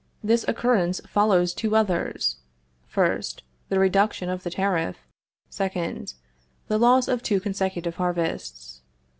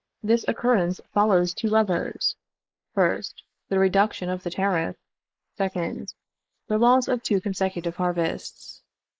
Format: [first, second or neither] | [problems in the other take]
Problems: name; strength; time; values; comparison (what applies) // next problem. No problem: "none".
first | noise reduction (neural mask model Resemble Enhance denoiser)